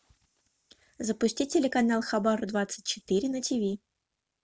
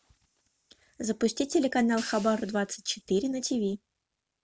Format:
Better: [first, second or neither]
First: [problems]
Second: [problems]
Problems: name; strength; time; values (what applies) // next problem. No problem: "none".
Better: first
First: none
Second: background sound (Hi-hat); 18 dB below the speech